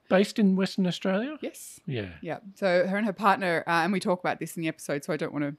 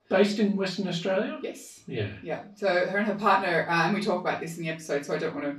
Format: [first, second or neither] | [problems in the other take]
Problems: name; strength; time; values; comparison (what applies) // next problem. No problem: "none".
first | room echo; slight; dies away in 0.3 s // off-mic speech; far